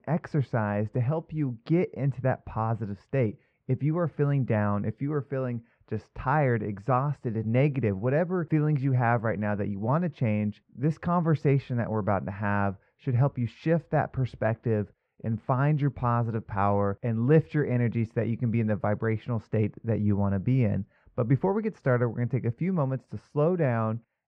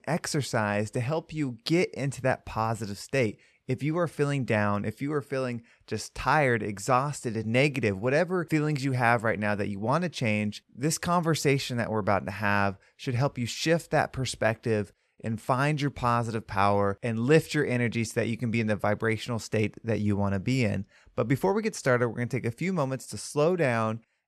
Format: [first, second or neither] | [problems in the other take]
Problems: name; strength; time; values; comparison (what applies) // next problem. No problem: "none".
second | muffled; very; fading above 1.5 kHz